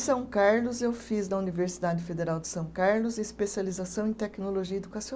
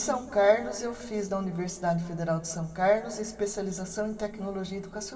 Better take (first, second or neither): first